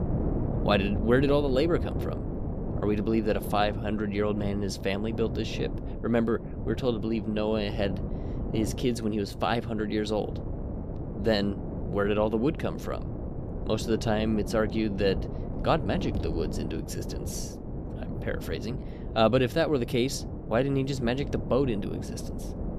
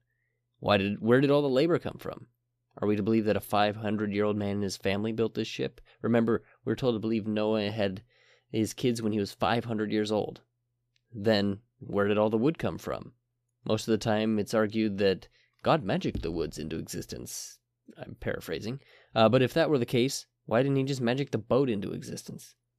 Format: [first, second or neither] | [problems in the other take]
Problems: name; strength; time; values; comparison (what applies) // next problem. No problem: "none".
second | wind noise on the microphone; occasional gusts; 10 dB below the speech